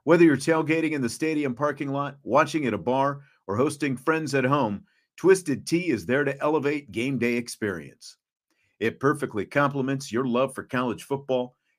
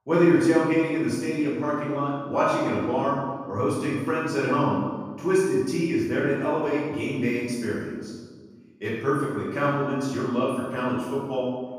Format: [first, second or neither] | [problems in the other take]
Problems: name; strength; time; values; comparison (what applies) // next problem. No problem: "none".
first | off-mic speech; far // room echo; strong; dies away in 1.3 s